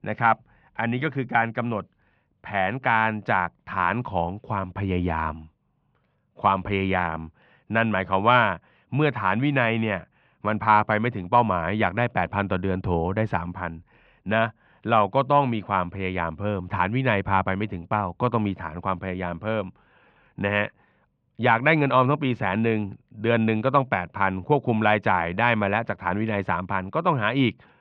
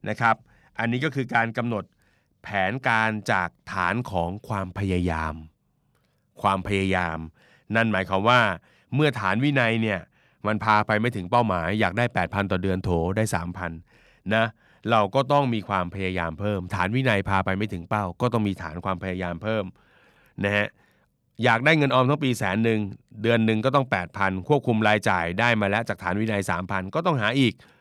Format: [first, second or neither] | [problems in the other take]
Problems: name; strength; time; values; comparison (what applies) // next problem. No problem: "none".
second | muffled; very; fading above 3 kHz